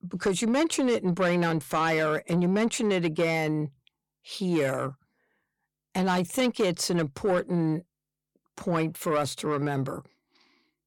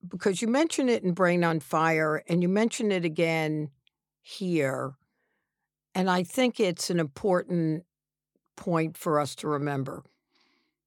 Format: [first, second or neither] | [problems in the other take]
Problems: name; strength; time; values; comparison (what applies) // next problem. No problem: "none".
second | distortion; slight; 10 dB below the speech